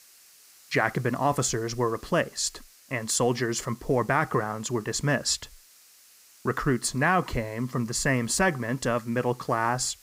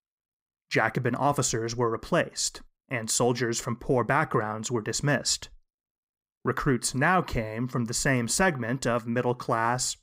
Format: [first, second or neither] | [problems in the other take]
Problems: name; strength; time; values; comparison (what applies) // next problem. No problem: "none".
second | hiss; faint; throughout; 25 dB below the speech